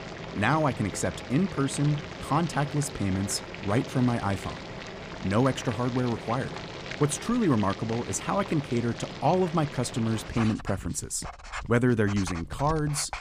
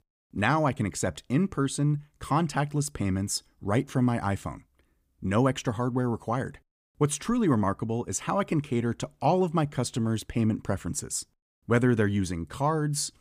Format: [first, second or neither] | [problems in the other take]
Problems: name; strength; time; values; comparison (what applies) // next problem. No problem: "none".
second | household noises; noticeable; throughout; 10 dB below the speech